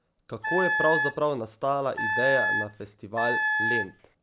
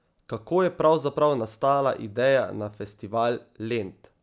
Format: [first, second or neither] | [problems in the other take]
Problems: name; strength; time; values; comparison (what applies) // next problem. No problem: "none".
second | background sound (Wind instrument, woodwind instrument); 2 dB above the speech